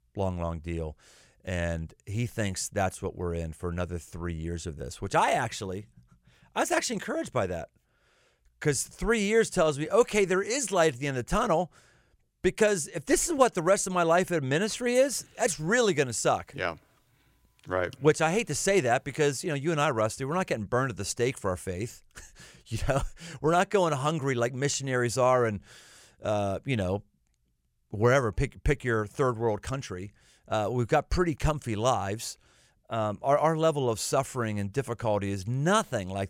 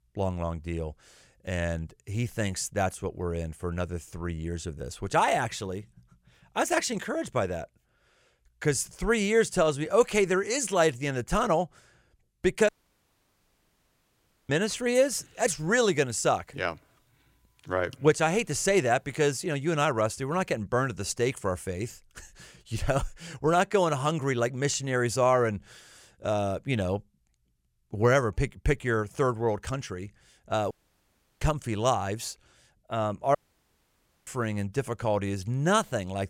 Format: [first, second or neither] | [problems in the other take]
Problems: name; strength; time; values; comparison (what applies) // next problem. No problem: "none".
first | audio cutting out; at 13 s for 2 s, at 31 s for 0.5 s and at 33 s for 1 s